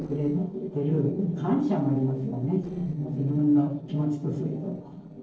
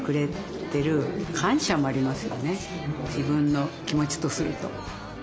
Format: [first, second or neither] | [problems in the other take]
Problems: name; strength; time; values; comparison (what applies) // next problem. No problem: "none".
second | noise reduction (neural separator model SepFormer DNS4)